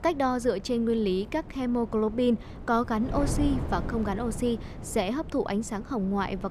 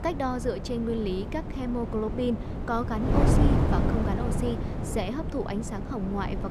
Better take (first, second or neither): first